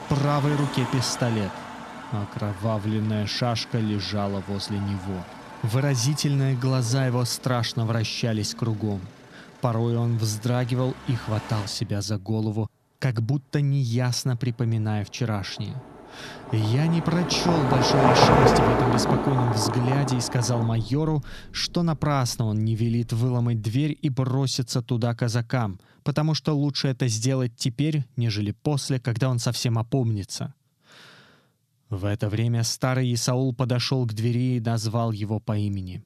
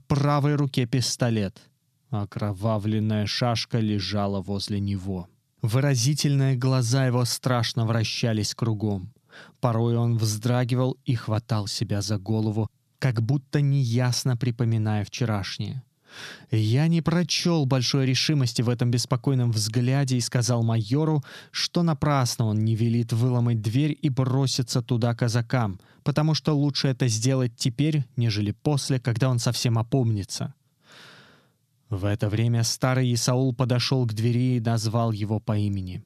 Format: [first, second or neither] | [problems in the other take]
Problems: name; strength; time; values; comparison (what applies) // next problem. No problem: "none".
second | traffic noise; loud; until 24 s; as loud as the speech